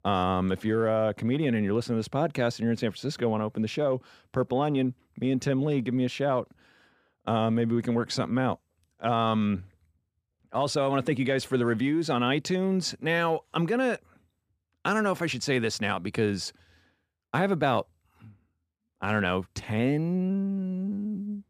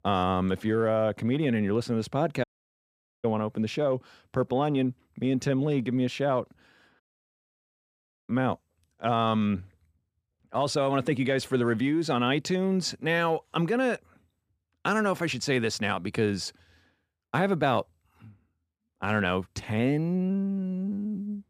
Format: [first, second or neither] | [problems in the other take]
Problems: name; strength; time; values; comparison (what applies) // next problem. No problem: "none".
first | audio cutting out; at 2.5 s for 1 s and at 7 s for 1.5 s